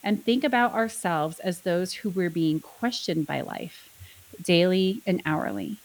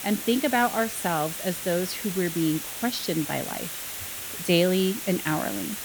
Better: first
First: hiss; faint; throughout; 25 dB below the speech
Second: hiss; loud; throughout; 6 dB below the speech

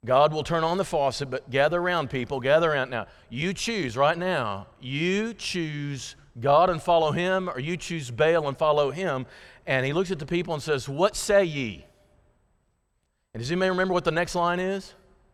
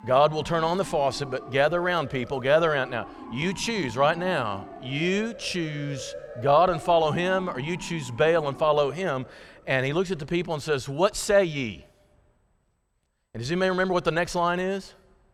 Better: first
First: none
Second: alarms or sirens; noticeable; until 9 s; 15 dB below the speech

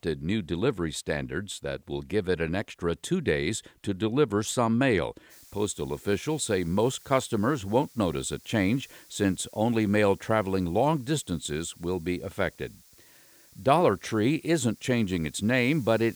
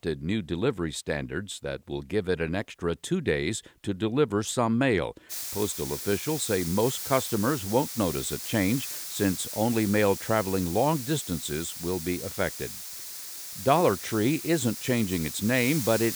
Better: first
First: hiss; faint; from 5.5 s on; 25 dB below the speech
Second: hiss; loud; from 5.5 s on; 7 dB below the speech

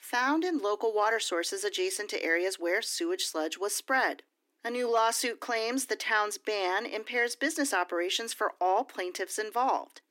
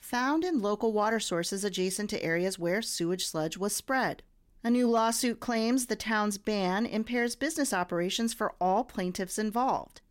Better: second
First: thin; somewhat; fading below 300 Hz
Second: none

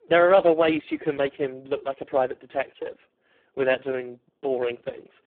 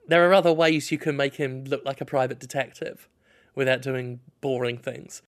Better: second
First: phone-call audio; poor line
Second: none

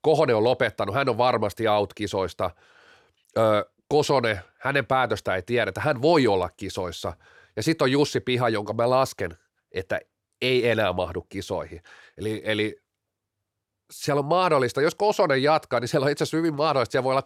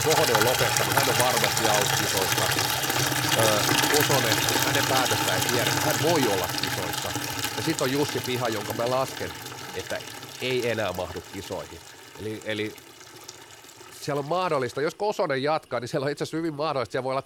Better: first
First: none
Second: household noises; very loud; throughout; 4 dB above the speech

